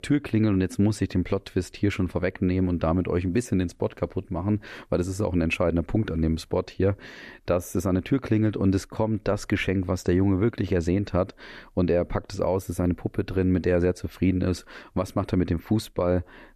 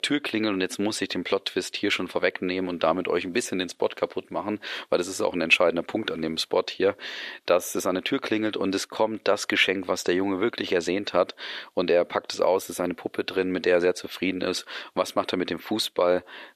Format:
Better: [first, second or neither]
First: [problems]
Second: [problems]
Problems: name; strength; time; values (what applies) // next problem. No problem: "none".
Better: first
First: none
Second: thin; somewhat; fading below 450 Hz